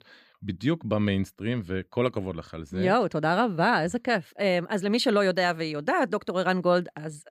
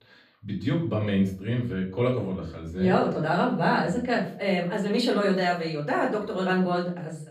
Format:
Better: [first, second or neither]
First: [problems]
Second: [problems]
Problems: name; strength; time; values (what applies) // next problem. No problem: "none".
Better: first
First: none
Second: off-mic speech; far // room echo; slight; dies away in 0.5 s